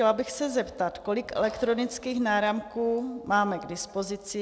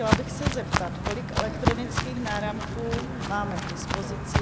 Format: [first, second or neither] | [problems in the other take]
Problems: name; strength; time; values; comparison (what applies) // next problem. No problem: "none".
first | background sound (Walk, footsteps); 4 dB above the speech